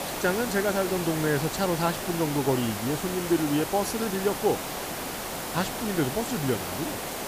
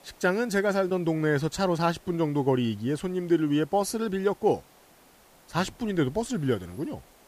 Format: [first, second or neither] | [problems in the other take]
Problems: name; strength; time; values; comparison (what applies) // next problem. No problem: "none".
second | hiss; loud; throughout; 4 dB below the speech; faint in the second